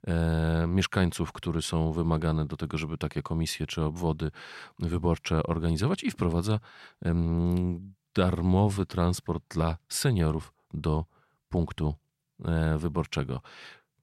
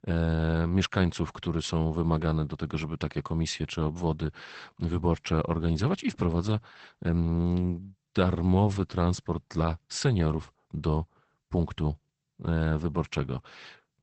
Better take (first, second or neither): first